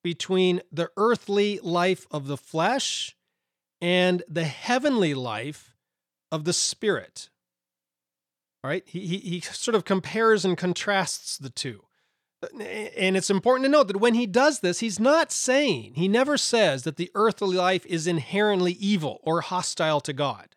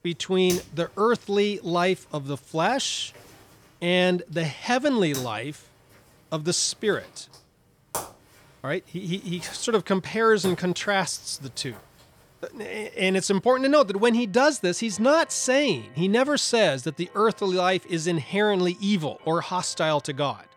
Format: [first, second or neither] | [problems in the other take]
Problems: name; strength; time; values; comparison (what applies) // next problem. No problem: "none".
first | household noises; noticeable; throughout; 20 dB below the speech